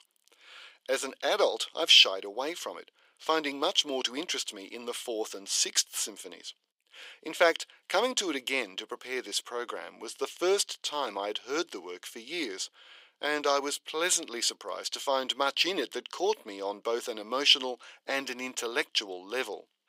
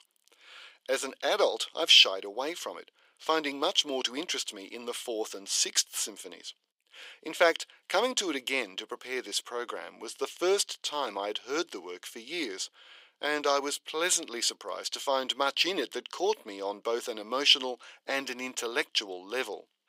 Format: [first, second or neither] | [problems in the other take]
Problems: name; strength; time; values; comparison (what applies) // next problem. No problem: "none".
neither | thin; very; fading below 400 Hz; the same in both